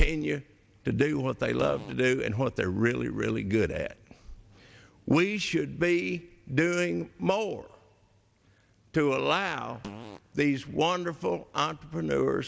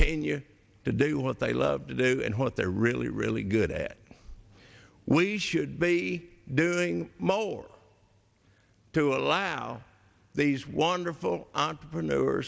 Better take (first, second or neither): second